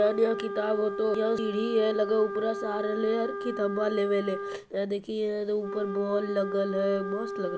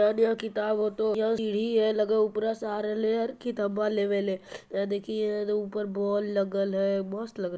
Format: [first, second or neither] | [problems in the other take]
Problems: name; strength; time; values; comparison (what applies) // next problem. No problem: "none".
second | background sound (Wind instrument, woodwind instrument); 7 dB below the speech